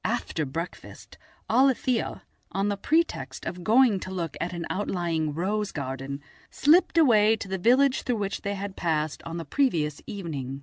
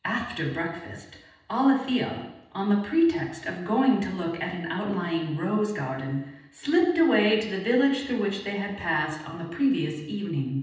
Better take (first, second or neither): first